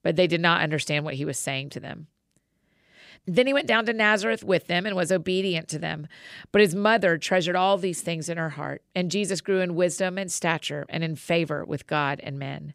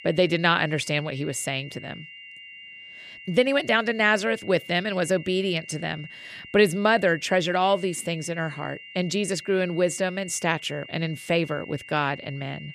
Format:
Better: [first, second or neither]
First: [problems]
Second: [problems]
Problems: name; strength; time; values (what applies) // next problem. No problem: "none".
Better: first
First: none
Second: high-pitched whine; noticeable; throughout; 3 kHz, 15 dB below the speech